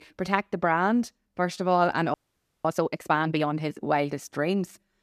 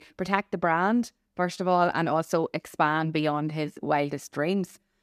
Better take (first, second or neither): second